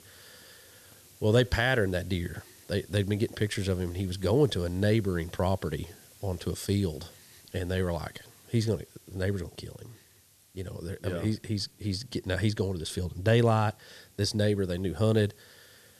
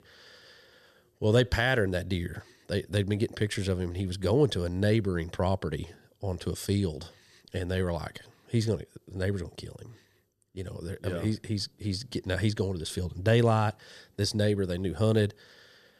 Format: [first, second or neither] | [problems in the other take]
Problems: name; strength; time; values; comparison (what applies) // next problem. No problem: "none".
second | hiss; faint; throughout; 25 dB below the speech